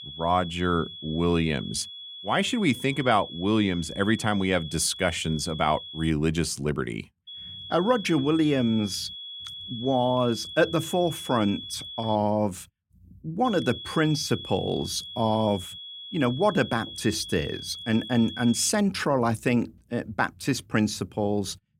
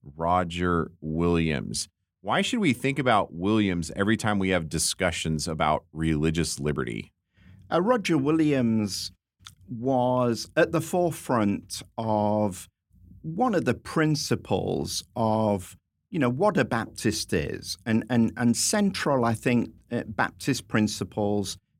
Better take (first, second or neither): second